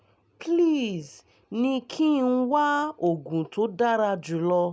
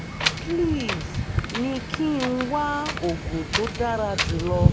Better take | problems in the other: first | background sound (Wind); 1 dB above the speech

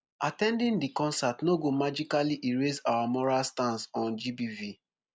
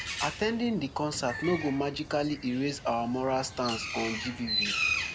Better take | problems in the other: first | background sound (Bird); 5 dB below the speech

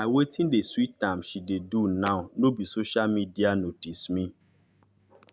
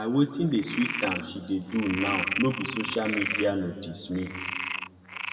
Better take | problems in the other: first | background sound (Frog); 6 dB below the speech // room echo; dies away in 1.8 s

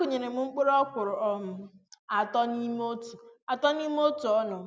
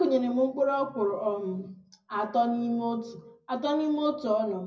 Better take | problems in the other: first | room echo; dies away in 0.4 s

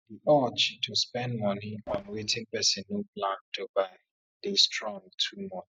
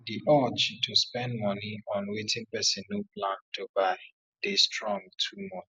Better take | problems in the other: second | noise reduction (neural mask model DeepFilterNet 3)

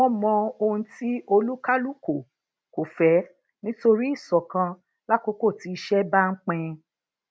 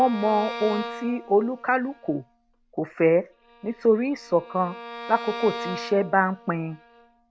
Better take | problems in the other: first | background sound (Bowed string instrument); 13 dB below the speech

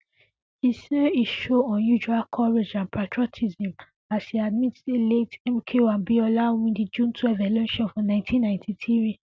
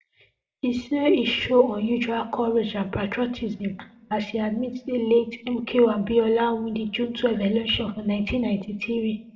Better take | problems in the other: first | room echo; dies away in 0.8 s

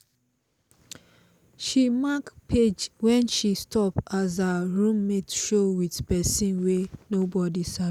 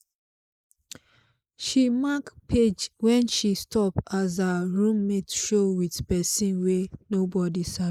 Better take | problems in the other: first | noise reduction (neural mask model Resemble Enhance denoiser)

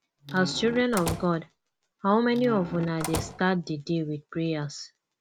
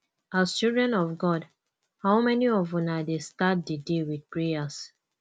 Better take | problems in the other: second | background sound (Squeak / Slam / Wood); 10 dB below the speech

